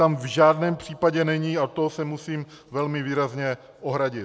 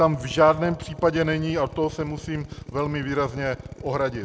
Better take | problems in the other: first | background sound (Drill); 15 dB below the speech

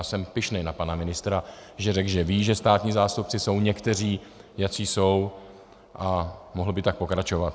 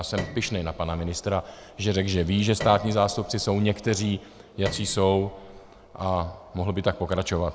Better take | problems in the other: first | background sound (Piano); 15 dB below the speech

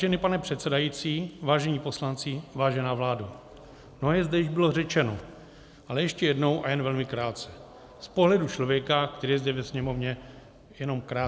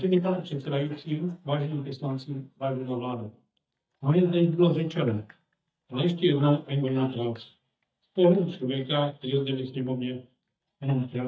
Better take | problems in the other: first | noise reduction (neural mask model DeepFilterNet 3)

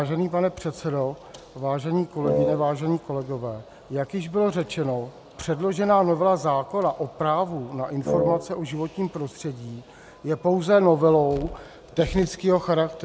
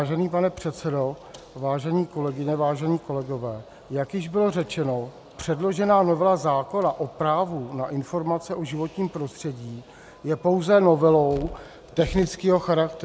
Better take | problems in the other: second | background sound (Wind instrument, woodwind instrument); 1 dB below the speech

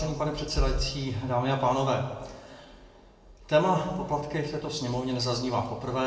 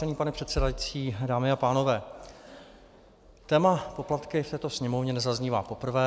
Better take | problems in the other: second | room echo; dies away in 1 s

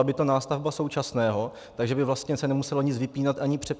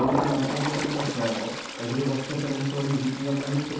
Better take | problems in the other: first | background sound (Toilet flush); 4 dB below the speech // room echo; dies away in 0.8 s

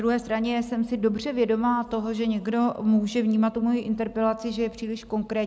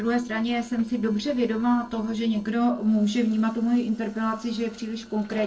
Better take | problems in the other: first | noise reduction (neural separator model SepFormer DNS4)

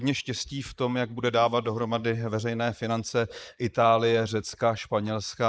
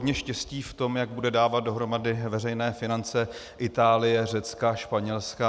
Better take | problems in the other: second | noise reduction (neural mask model Resemble Enhance denoiser)

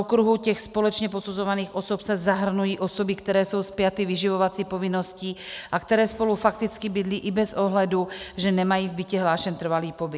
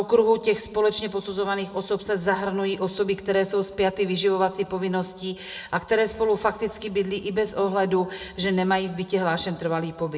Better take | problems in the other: first | room echo; dies away in 0.8 s

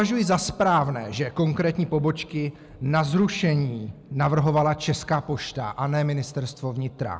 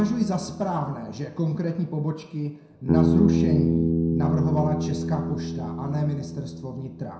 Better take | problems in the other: first | background sound (Bass guitar); 1 dB above the speech // room echo; dies away in 0.6 s

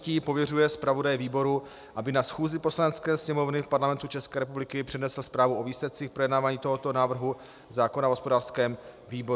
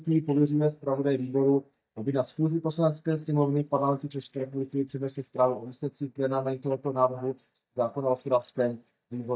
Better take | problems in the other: first | noise reduction (neural mask model DeepFilterNet 3)

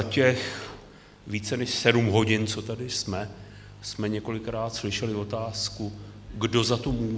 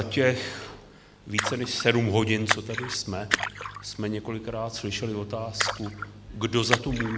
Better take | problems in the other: first | background sound (Splash, splatter); 6 dB below the speech

